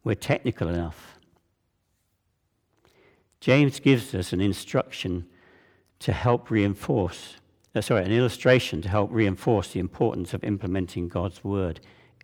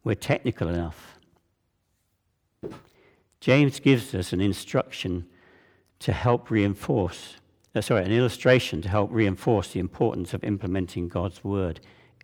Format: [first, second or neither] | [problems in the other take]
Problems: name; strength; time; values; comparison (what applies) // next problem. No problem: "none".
first | footsteps; faint; at 2.5 s; peak 15 dB below the speech